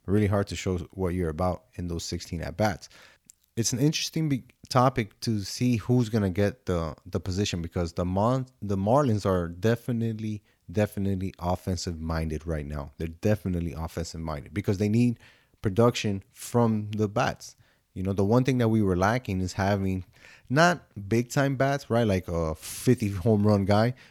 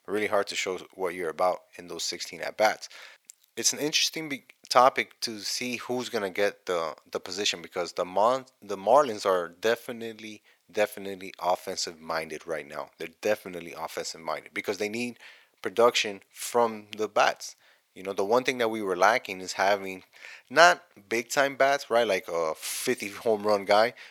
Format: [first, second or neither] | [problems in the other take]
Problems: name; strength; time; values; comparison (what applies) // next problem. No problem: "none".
first | thin; very; fading below 600 Hz